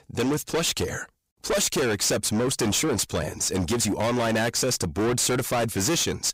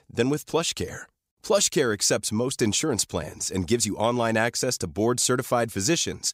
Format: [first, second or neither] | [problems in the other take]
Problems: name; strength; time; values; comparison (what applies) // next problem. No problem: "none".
second | distortion; heavy; 28% of the sound clipped